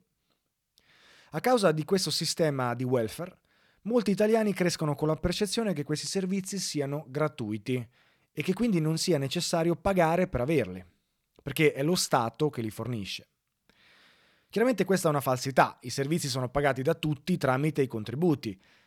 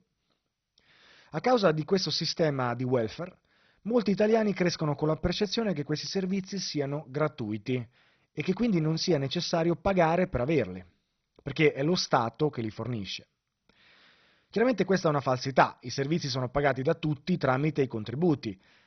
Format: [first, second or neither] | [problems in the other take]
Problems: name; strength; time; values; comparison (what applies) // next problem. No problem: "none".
first | garbled, watery; badly; nothing above 6 kHz